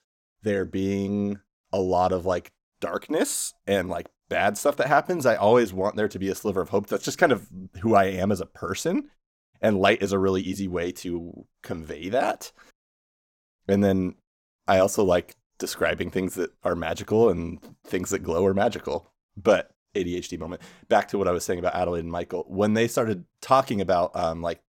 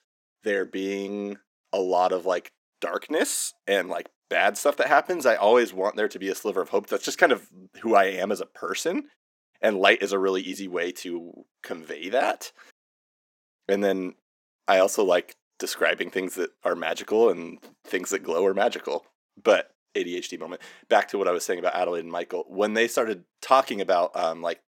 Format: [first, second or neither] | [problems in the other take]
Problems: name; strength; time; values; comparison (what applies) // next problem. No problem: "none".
first | thin; very slightly; fading below 300 Hz